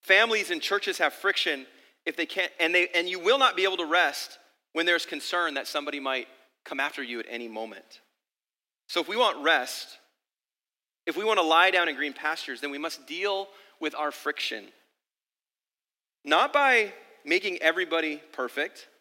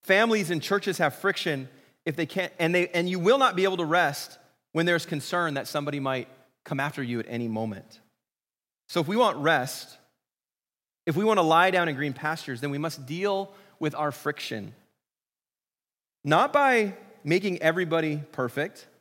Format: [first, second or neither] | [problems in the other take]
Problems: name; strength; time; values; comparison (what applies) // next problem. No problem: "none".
second | thin; somewhat; fading below 250 Hz